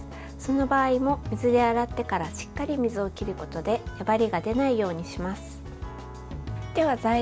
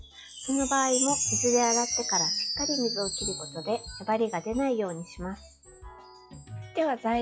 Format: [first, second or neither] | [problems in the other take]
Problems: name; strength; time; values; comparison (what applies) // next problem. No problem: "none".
first | noise reduction (classical method log-MMSE)